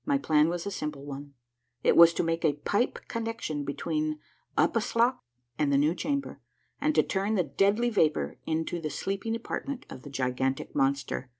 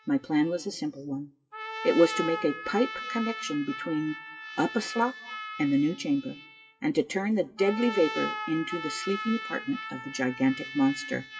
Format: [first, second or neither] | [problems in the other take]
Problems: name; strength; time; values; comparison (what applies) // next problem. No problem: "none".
first | noise reduction (classical method WPE with log-MMSE)